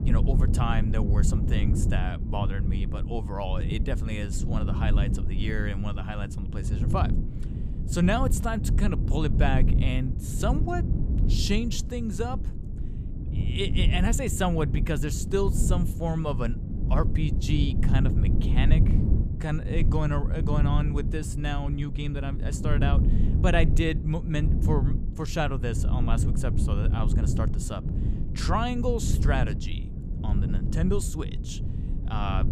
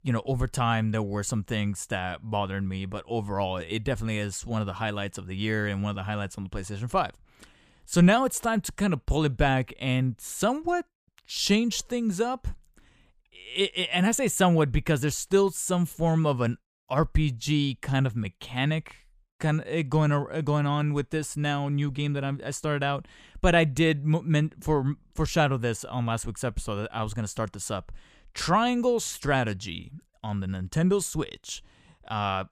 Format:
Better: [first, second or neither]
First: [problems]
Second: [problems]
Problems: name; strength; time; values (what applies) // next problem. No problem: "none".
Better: second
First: low rumble; loud; throughout; 7 dB below the speech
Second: none